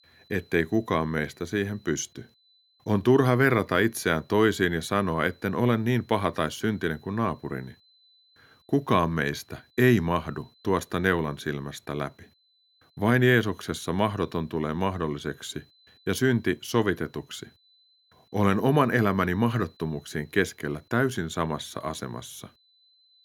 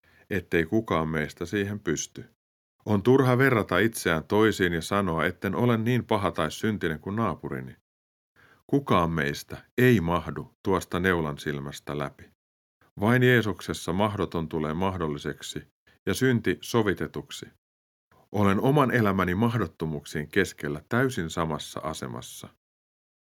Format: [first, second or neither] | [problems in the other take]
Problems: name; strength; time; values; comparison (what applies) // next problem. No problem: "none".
second | high-pitched whine; faint; throughout; 4 kHz, 35 dB below the speech